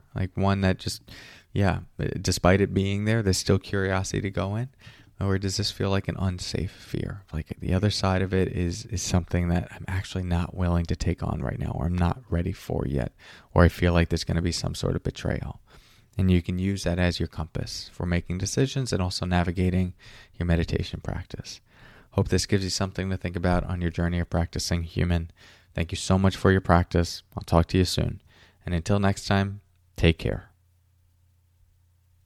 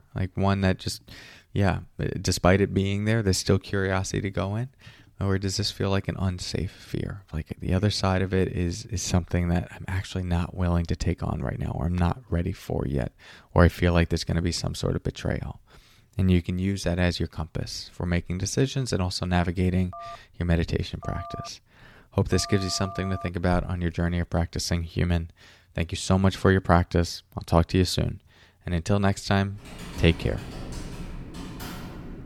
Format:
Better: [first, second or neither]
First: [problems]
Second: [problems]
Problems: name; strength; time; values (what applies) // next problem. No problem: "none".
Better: first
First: none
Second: phone ringing; faint; from 20 to 23 s; peak 10 dB below the speech // keyboard typing; faint; from 30 s on; peak 10 dB below the speech